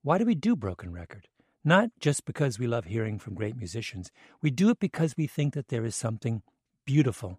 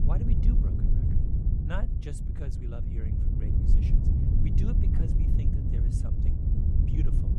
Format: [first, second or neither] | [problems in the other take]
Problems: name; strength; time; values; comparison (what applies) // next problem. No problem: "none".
first | wind noise on the microphone; heavy; 4 dB above the speech